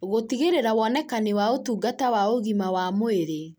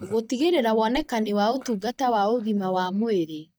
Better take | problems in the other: first | noise reduction (neural mask model DeepFilterNet 3)

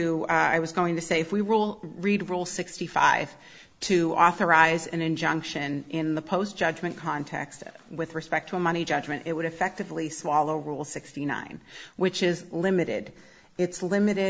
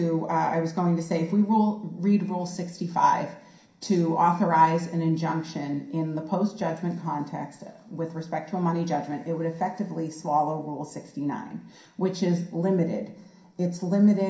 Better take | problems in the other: first | room echo; dies away in 0.5 s

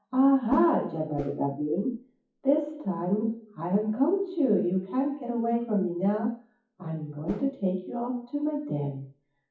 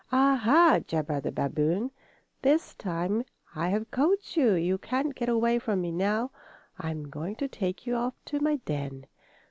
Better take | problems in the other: second | noise reduction (classical method WPE with log-MMSE)

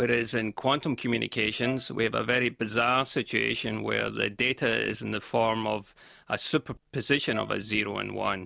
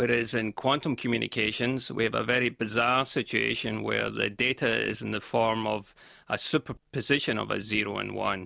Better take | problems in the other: second | background sound (Wind instrument, woodwind instrument); 14 dB below the speech

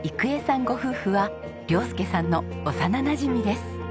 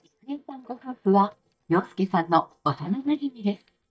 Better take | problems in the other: first | noise reduction (neural mask model DeepFilterNet 3)

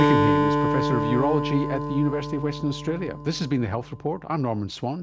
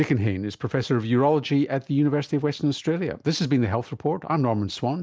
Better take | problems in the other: second | background sound (Acoustic guitar); as loud as the speech

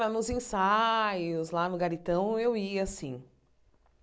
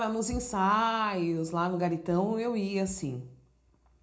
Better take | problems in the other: first | room echo; dies away in 0.4 s

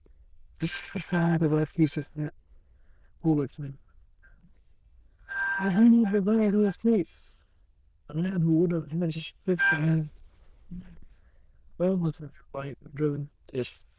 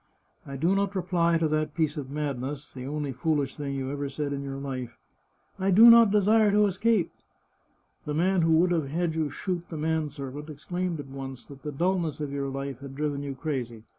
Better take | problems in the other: second | noise reduction (neural diffusion model UNIVERSE++)

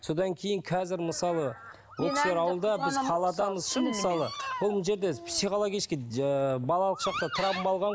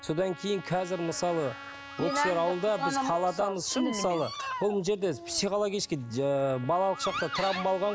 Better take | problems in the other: first | background sound (Trumpet); 18 dB below the speech

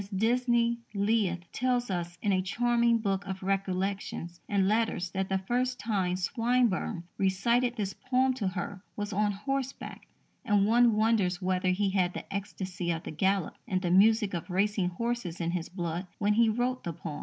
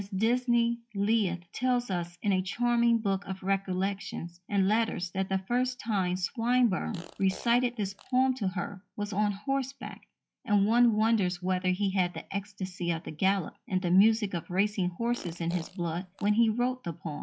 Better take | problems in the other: first | noise reduction (classical method log-MMSE)

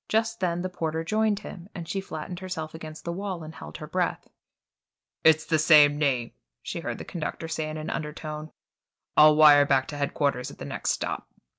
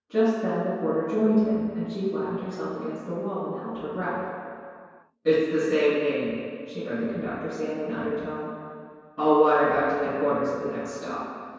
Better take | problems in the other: first | room echo; dies away in 2.2 s

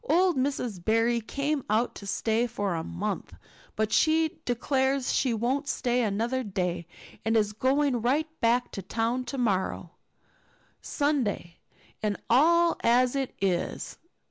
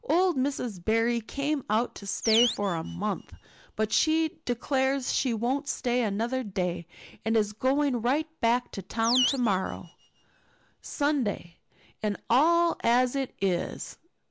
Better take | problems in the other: first | background sound (Animal); 8 dB below the speech

